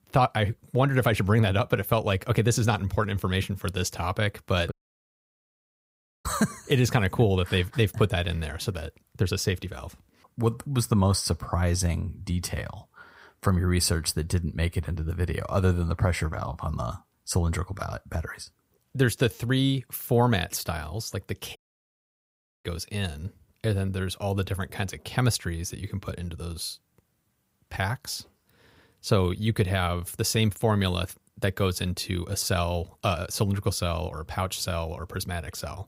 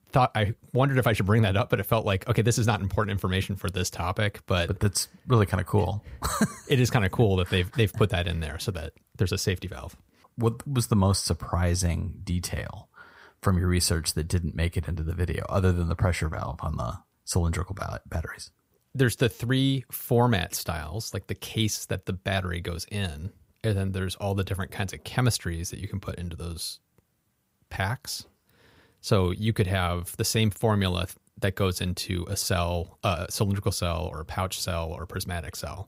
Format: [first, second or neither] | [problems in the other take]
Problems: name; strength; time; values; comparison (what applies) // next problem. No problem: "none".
second | audio cutting out; at 4.5 s for 1.5 s and at 22 s for 1 s